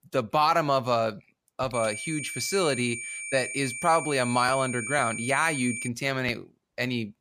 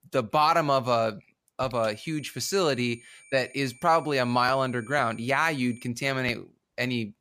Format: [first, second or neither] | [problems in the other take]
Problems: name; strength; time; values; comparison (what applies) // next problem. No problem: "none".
second | high-pitched whine; loud; from 1.5 to 6 s; 2.5 kHz, 6 dB below the speech; faint in the second